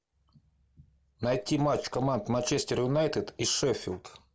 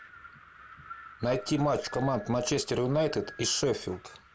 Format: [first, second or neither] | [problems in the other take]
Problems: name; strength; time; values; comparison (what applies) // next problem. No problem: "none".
first | background sound (Wind); 19 dB below the speech